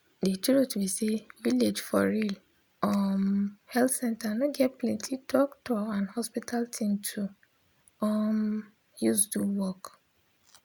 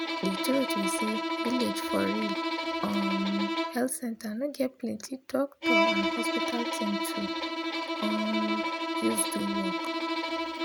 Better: first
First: none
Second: background sound (Bowed string instrument); 2 dB above the speech

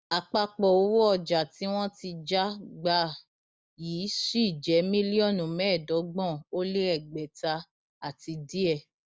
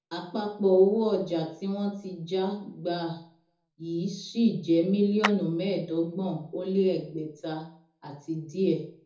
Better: first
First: none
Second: background sound (Clapping); 8 dB below the speech // room echo; dies away in 0.5 s

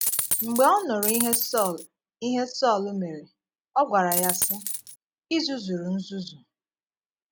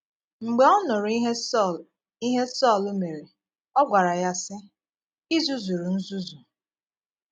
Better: second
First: background sound (Coin (dropping)); as loud as the speech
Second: none

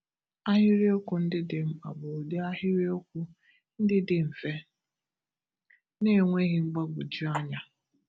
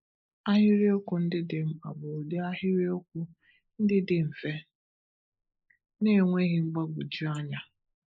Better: first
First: none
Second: noise reduction (neural mask model Resemble Enhance denoiser)

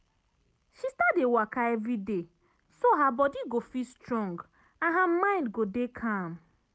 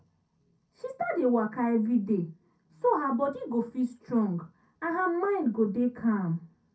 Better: first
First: none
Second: room echo; dies away in 0.3 s

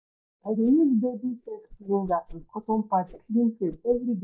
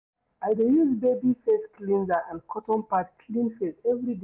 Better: second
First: noise reduction (neural mask model DeepFilterNet 3)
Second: none

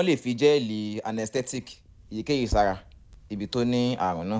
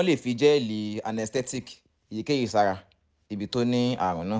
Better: second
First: background sound (Tap); 13 dB below the speech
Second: none

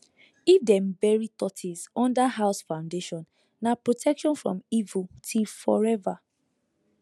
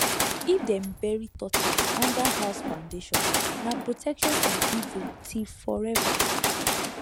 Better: first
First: none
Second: background sound (Gunshot, gunfire); 3 dB above the speech

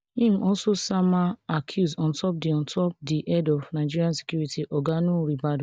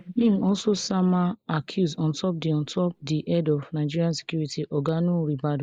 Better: first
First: none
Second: noise reduction (neural mask model Resemble Enhance denoiser)

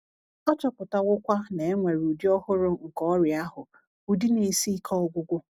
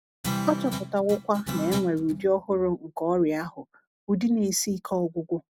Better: first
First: none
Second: background sound (Guitar); 6 dB below the speech

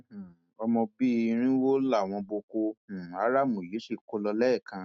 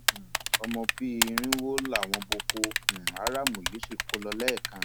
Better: first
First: none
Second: background sound (Typing); 3 dB above the speech

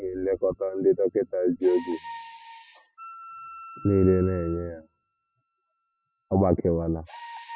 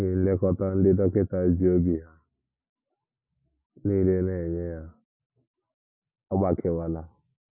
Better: second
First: noise reduction (classical method spectral subtraction)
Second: none

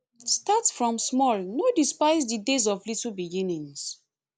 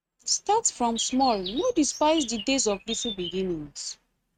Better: first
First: none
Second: noise reduction (neural mask model RNNoise)

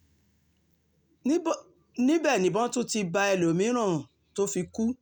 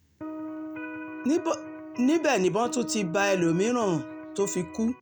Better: first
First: none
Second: background sound (Electric guitar); 11 dB below the speech

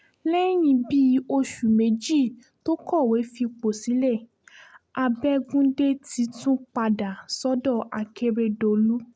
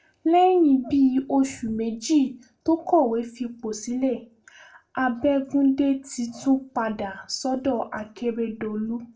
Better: first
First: none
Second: room echo; dies away in 0.2 s

